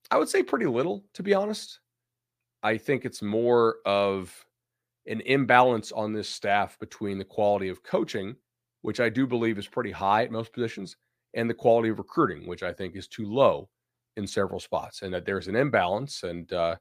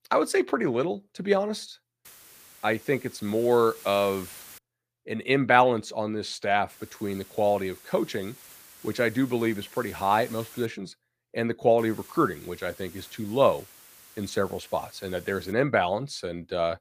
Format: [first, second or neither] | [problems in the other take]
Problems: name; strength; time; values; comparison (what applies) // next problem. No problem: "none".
first | hiss; faint; from 2 to 4.5 s, from 6.5 to 11 s and from 12 to 16 s; 20 dB below the speech